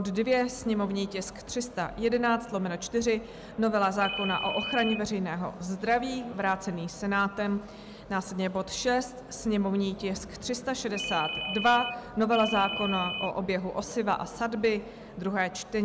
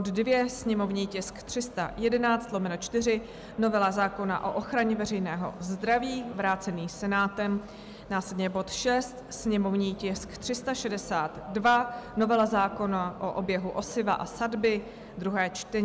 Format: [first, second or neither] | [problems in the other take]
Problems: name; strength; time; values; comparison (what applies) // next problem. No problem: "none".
second | background sound (Ringtone); 5 dB below the speech